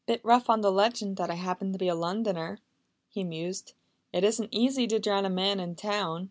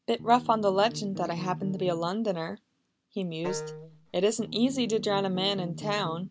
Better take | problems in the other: first | background sound (Wind instrument, woodwind instrument + Bass guitar); 11 dB below the speech

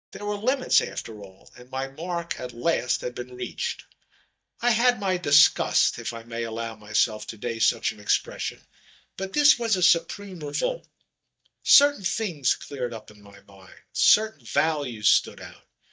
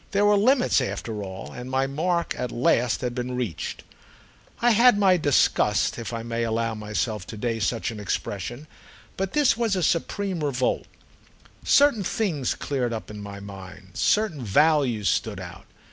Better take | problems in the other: second | noise reduction (neural mask model DeepFilterNet 3)

